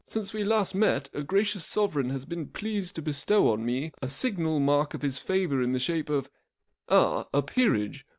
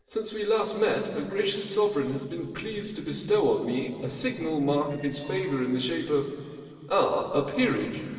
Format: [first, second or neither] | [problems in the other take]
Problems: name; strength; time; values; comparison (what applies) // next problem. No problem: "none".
first | noise reduction (neural separator model SepFormer DNS4)